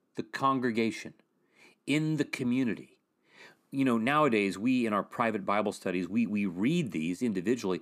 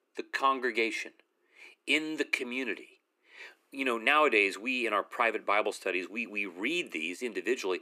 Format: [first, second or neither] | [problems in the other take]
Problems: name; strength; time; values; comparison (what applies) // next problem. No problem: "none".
first | thin; somewhat; fading below 350 Hz